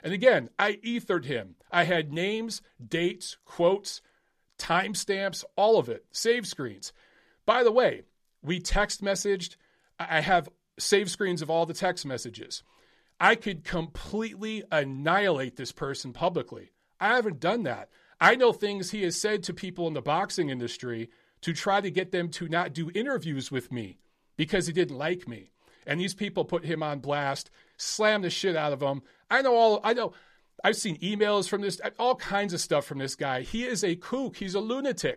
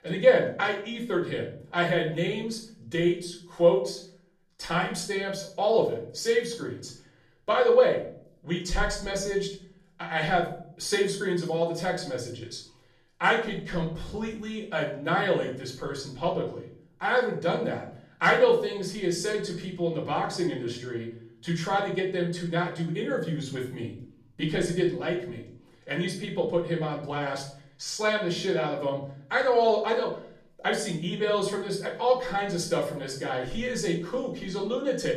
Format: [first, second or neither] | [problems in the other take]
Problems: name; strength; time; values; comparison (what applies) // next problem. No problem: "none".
first | off-mic speech; far // room echo; noticeable; dies away in 0.5 s